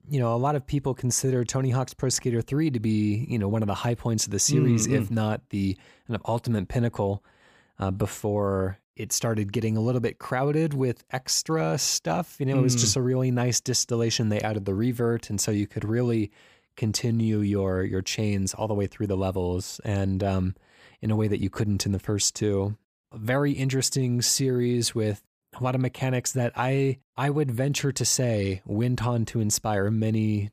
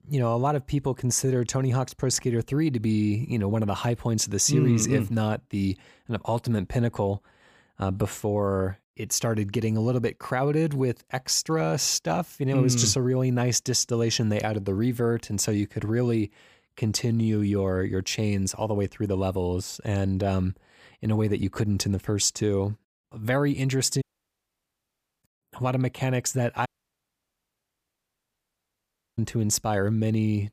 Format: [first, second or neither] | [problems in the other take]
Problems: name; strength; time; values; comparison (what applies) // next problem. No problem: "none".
first | audio cutting out; at 24 s for 1 s and at 27 s for 2.5 s